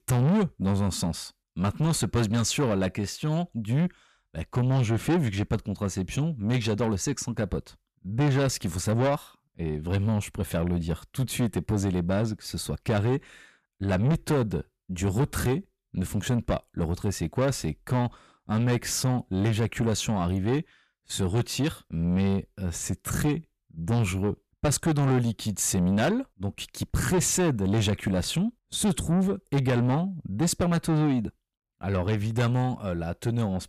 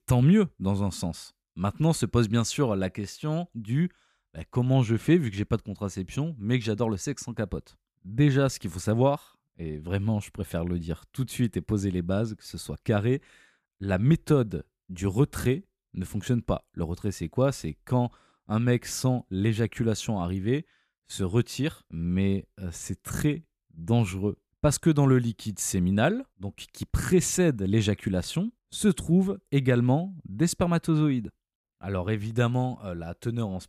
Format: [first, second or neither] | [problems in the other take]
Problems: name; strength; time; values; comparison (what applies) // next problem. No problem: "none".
second | distortion; heavy; 8 dB below the speech